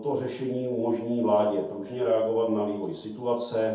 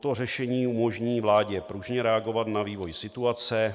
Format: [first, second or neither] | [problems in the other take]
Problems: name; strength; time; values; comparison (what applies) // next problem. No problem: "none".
second | room echo; dies away in 0.6 s